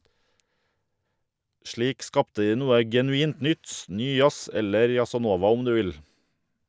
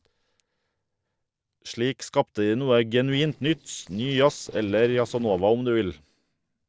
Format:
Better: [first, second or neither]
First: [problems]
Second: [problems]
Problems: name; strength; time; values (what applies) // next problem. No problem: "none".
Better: first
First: none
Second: noise reduction (neural separator model SepFormer DNS4)